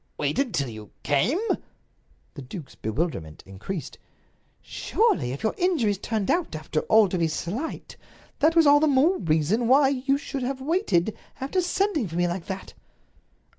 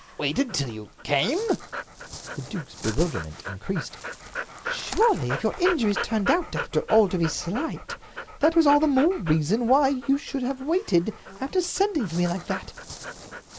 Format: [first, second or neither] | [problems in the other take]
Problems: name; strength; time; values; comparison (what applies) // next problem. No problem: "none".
first | background sound (Dog); 11 dB below the speech